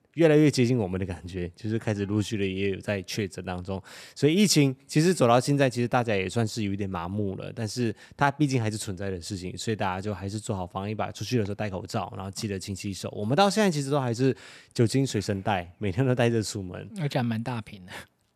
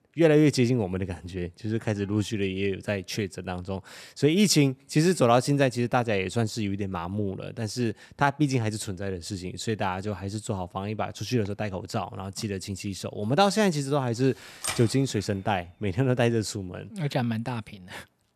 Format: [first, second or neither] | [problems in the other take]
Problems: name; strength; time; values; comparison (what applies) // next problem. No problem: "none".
first | keyboard typing; noticeable; at 15 s; peak 5 dB below the speech